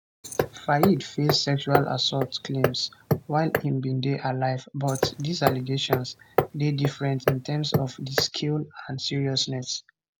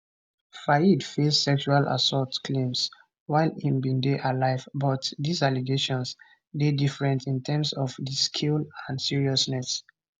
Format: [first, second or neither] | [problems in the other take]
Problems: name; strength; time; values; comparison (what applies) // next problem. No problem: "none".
second | background sound (Hammer); 2 dB below the speech